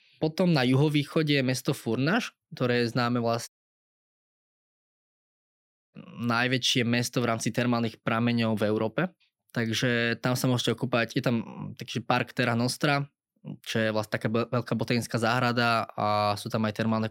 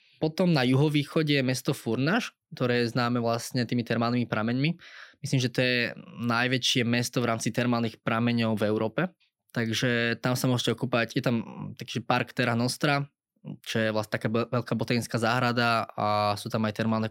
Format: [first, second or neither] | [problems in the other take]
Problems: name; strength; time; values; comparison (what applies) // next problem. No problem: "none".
second | audio cutting out; at 3.5 s for 2.5 s